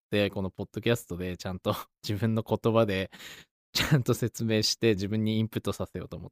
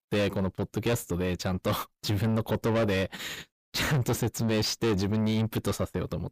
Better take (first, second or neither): first